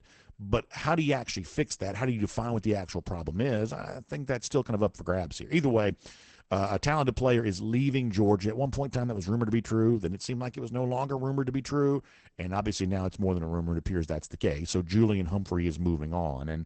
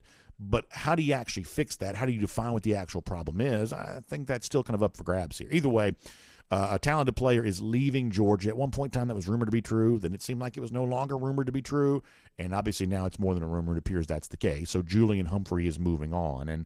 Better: second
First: garbled, watery; badly; nothing above 8 kHz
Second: garbled, watery; slightly; nothing above 15.5 kHz

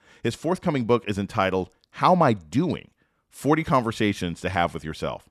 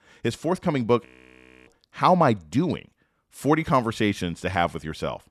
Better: first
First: none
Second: audio freezing; at 1 s for 0.5 s

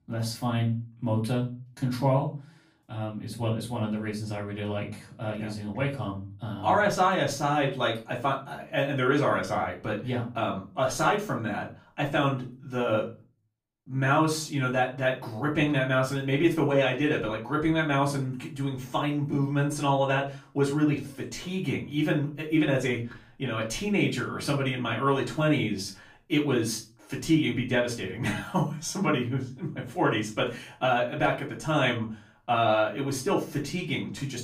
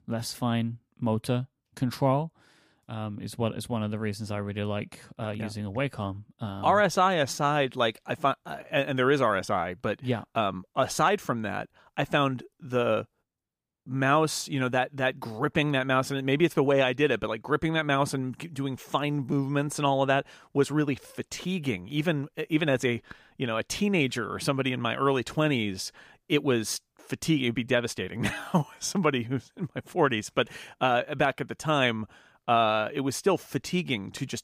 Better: second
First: off-mic speech; far // room echo; slight; dies away in 0.3 s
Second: none

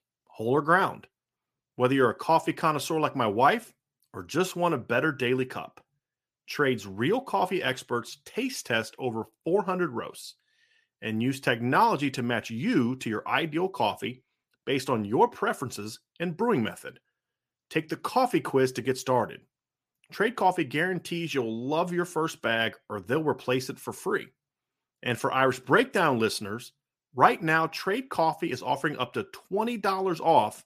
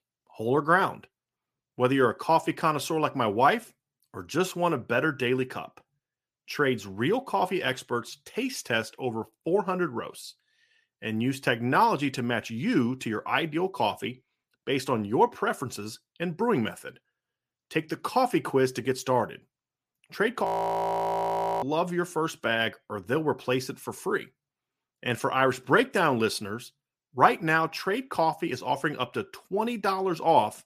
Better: first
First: none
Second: audio freezing; at 20 s for 1 s

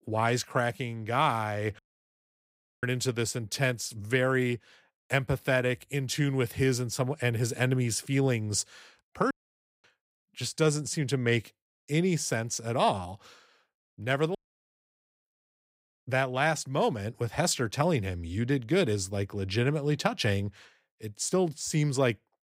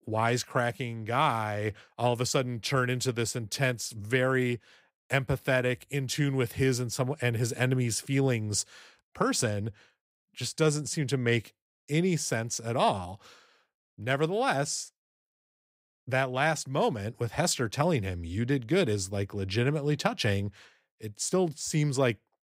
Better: second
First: audio cutting out; at 2 s for 1 s, at 9.5 s for 0.5 s and at 14 s for 1 s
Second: none

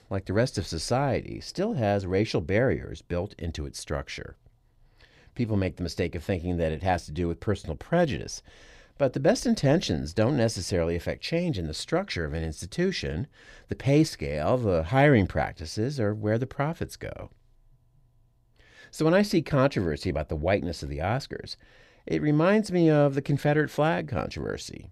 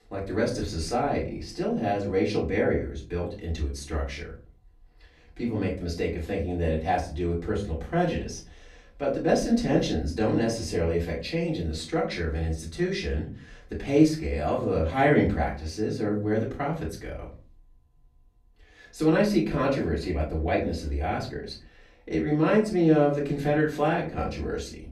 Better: first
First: none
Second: off-mic speech; far // room echo; slight; dies away in 0.3 s

